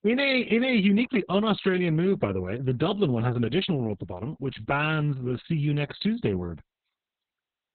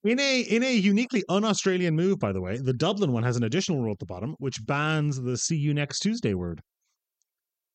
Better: second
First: garbled, watery; badly; nothing above 4 kHz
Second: none

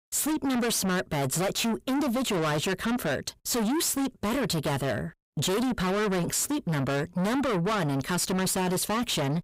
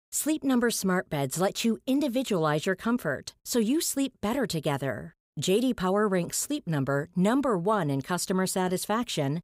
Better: second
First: distortion; heavy; 5 dB below the speech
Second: none

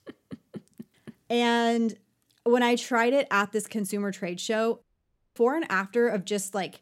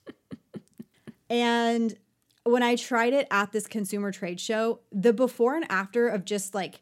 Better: second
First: audio cutting out; at 5 s for 0.5 s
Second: none

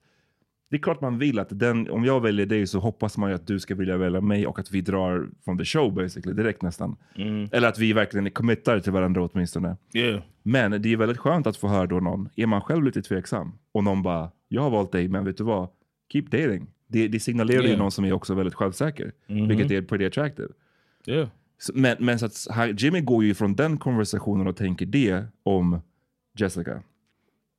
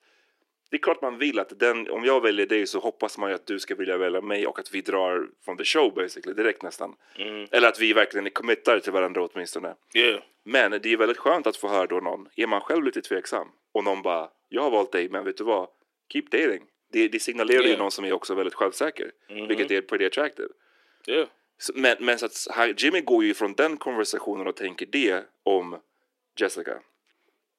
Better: first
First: none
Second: thin; very; fading below 300 Hz

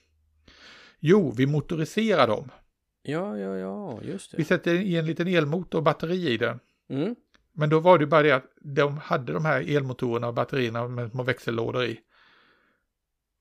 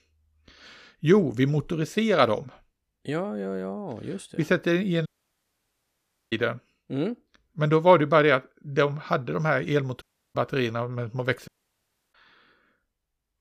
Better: first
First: none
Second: audio cutting out; at 5 s for 1.5 s, at 10 s and at 11 s for 0.5 s

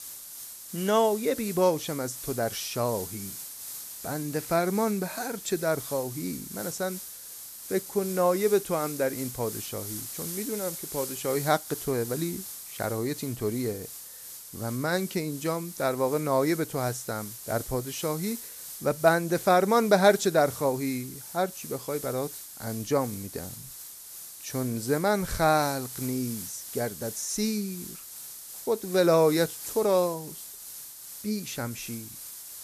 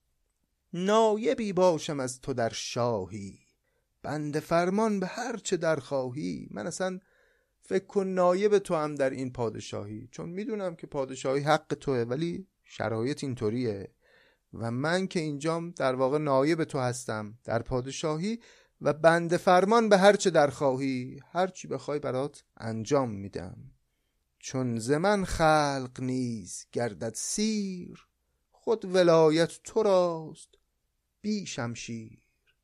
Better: second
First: hiss; loud; throughout; 10 dB below the speech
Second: none

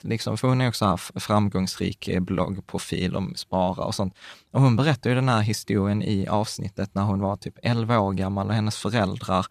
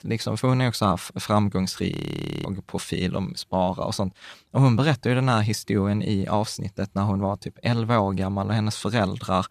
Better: first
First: none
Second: audio freezing; at 2 s for 0.5 s

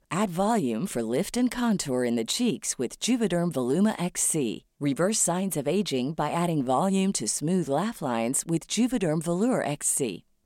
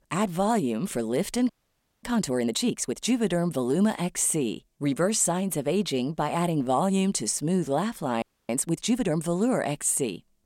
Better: first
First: none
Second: audio freezing; at 1.5 s for 0.5 s and at 8 s

